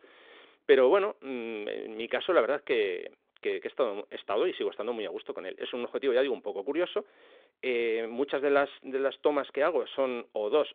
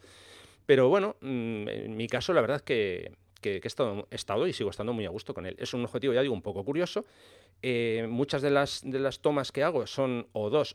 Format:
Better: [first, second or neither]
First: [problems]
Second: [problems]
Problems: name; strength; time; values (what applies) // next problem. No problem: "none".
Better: second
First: phone-call audio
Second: none